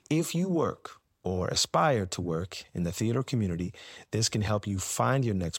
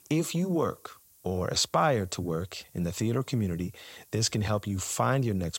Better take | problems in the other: first | hiss; faint; throughout; 25 dB below the speech

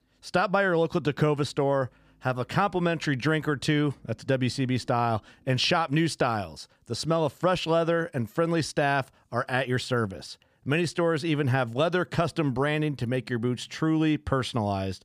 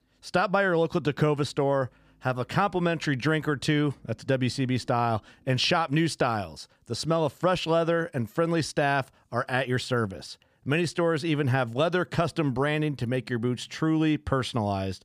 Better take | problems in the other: neither | none

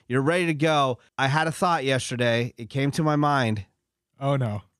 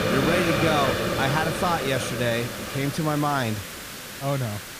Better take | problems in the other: first | hiss; loud; throughout; 2 dB below the speech

